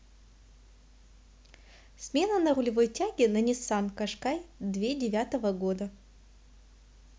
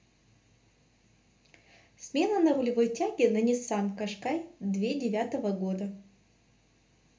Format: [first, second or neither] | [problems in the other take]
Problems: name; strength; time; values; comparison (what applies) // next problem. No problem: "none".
first | room echo; dies away in 0.3 s